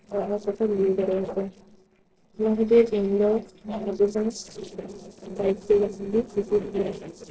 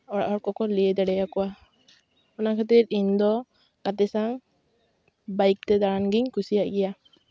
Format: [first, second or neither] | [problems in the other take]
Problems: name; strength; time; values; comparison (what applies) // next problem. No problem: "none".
second | noise reduction (neural separator model SepFormer DNS4)